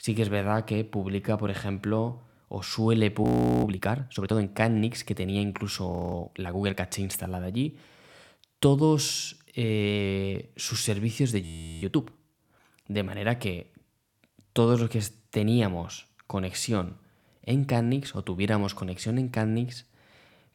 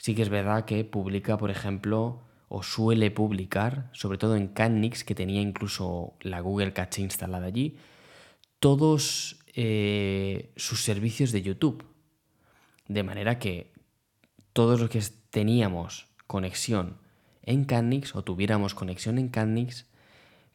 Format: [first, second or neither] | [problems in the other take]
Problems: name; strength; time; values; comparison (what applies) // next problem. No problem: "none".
second | audio freezing; at 3 s, at 6 s and at 11 s